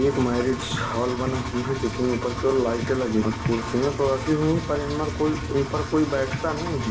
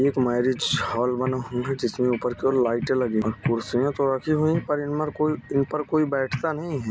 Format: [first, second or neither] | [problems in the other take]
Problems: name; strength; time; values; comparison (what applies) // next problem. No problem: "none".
second | background sound (Engine); 7 dB below the speech // room echo; dies away in 0.7 s